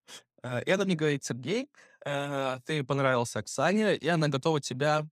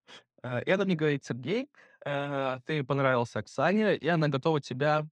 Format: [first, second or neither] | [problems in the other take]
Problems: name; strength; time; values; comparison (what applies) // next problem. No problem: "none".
first | muffled; slightly; fading above 3.5 kHz